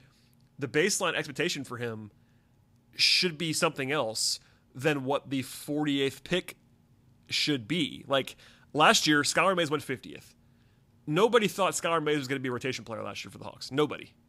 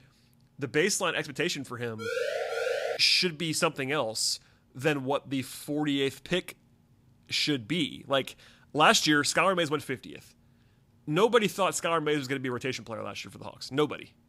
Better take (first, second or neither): first